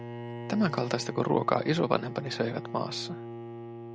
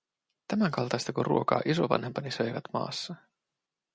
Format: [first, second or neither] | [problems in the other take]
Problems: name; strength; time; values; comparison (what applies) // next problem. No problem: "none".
second | background sound (Bowed string instrument); 10 dB below the speech